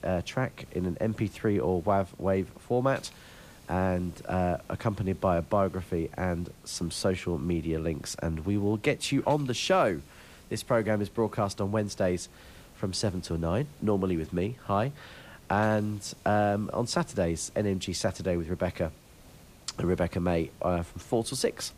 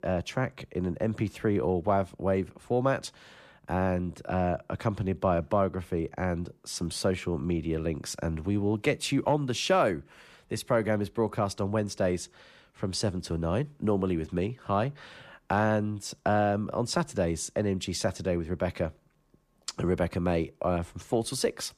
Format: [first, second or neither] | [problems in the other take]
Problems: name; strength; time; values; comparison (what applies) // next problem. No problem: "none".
second | hiss; faint; throughout; 25 dB below the speech